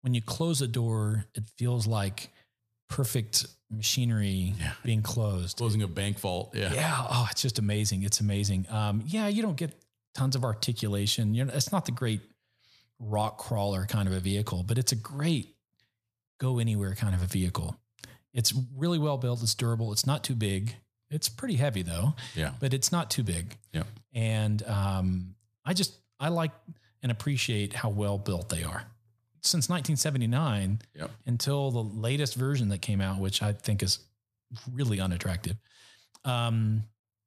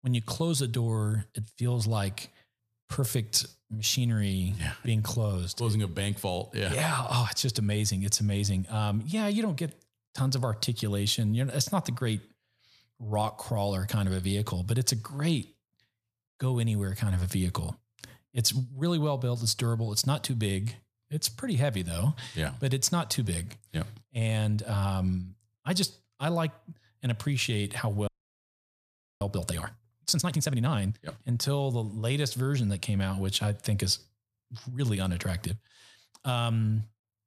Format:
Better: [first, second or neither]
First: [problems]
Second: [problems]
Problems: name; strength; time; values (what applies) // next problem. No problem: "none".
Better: first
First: none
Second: audio freezing; at 28 s for 1 s